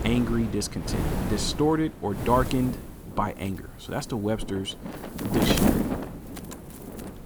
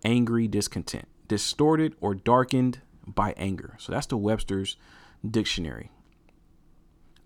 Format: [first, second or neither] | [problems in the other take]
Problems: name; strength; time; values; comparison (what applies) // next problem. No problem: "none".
second | wind noise on the microphone; heavy; 5 dB below the speech